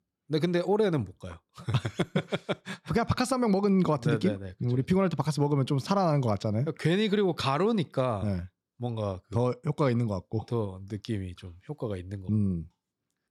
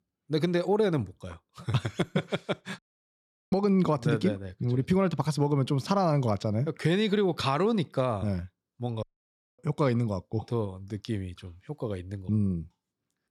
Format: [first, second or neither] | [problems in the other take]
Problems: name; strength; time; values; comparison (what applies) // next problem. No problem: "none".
first | audio cutting out; at 3 s for 0.5 s and at 9 s for 0.5 s